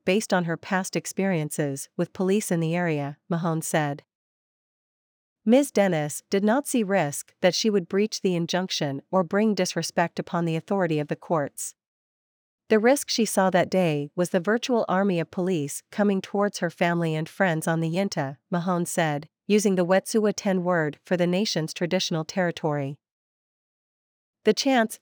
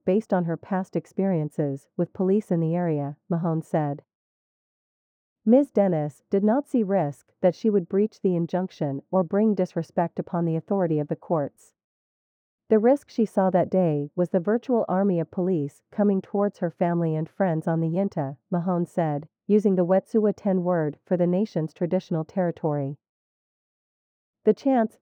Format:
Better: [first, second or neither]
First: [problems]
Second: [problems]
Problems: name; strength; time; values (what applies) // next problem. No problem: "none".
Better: first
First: none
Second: muffled; very; fading above 1.5 kHz